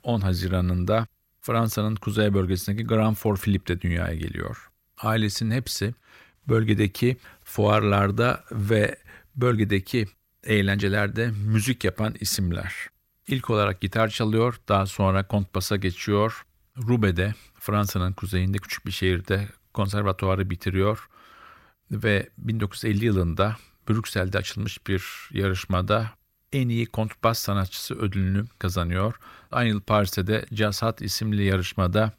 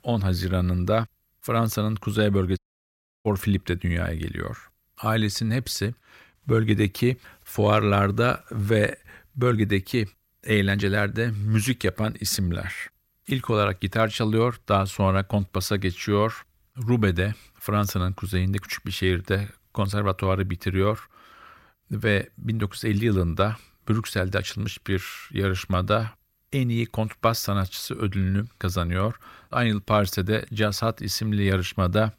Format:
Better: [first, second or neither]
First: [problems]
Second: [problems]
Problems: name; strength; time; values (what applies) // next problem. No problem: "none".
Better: first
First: none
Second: audio cutting out; at 2.5 s for 0.5 s